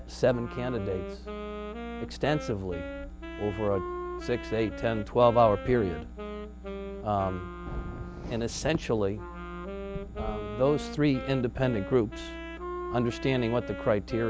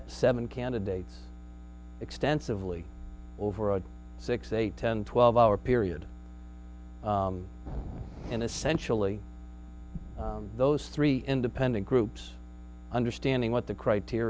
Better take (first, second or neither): second